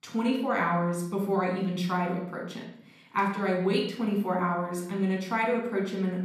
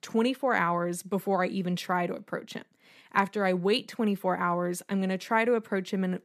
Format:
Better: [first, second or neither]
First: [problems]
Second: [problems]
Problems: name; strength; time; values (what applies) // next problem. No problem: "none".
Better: second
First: off-mic speech; somewhat distant // room echo; noticeable; dies away in 0.8 s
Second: none